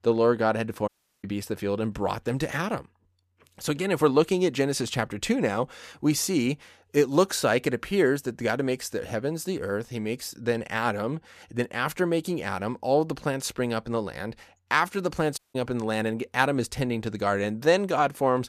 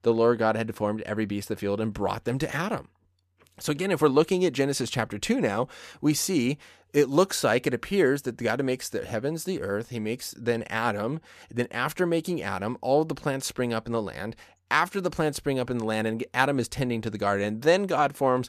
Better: second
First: audio cutting out; at 1 s and at 15 s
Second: none

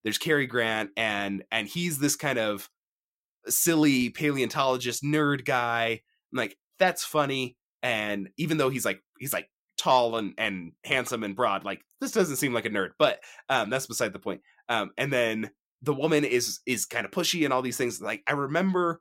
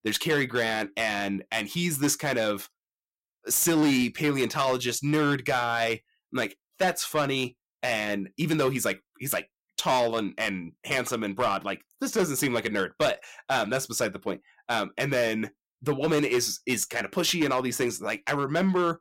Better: first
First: none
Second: distortion; slight; 5% of the sound clipped

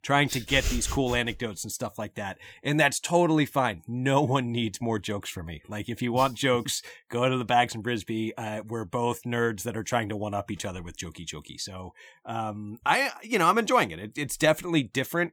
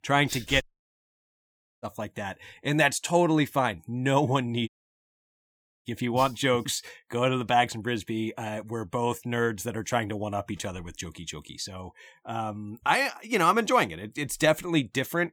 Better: first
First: none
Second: audio cutting out; at 0.5 s for 1 s and at 4.5 s for 1 s

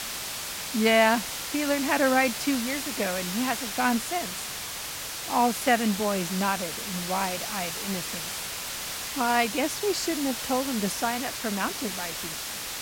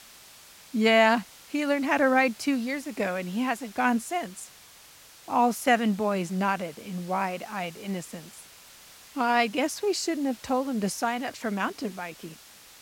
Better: second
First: hiss; loud; throughout; 4 dB below the speech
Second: hiss; faint; throughout; 20 dB below the speech

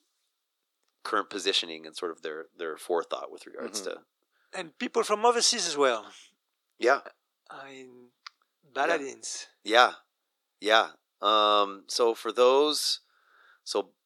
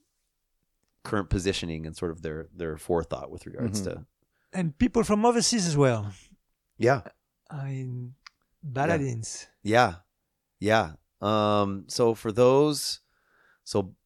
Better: second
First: thin; very; fading below 350 Hz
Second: none

